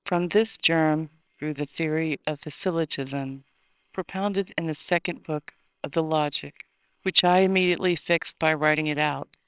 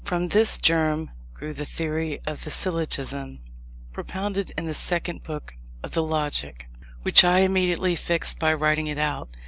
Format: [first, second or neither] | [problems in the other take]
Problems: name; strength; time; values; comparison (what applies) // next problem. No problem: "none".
second | noise reduction (neural separator model SepFormer WHAMR!)